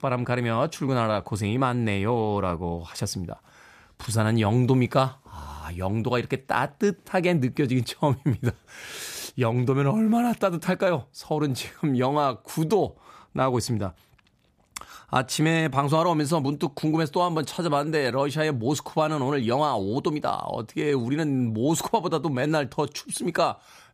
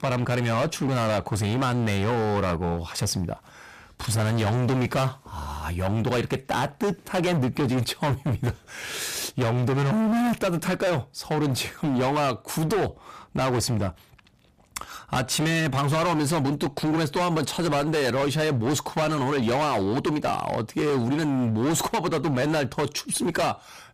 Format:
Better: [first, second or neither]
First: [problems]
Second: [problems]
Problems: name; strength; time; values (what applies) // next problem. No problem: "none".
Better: first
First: none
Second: distortion; heavy; 26% of the sound clipped